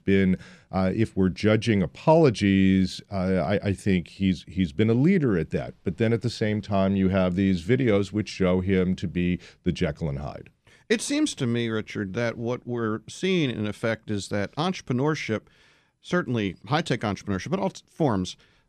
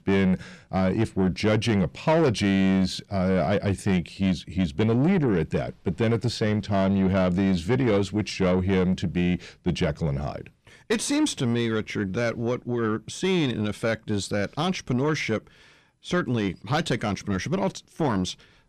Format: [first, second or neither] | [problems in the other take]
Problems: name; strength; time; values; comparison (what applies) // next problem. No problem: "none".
first | distortion; slight; 10 dB below the speech